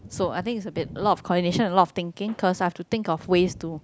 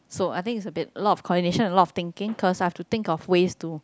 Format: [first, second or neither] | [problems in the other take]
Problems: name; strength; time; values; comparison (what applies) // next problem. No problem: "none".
second | background sound (Thunder); 19 dB below the speech